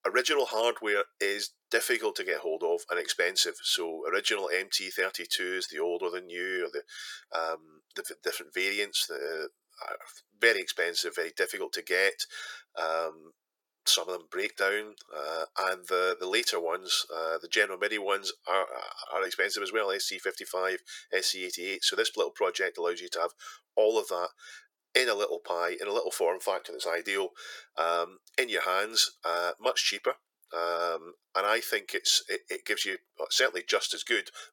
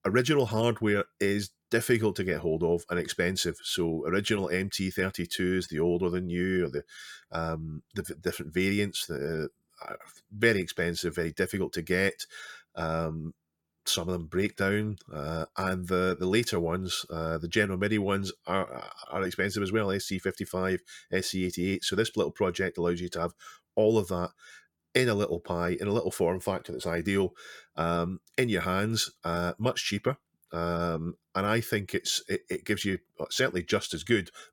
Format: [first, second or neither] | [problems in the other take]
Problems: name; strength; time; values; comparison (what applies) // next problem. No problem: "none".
second | thin; very; fading below 450 Hz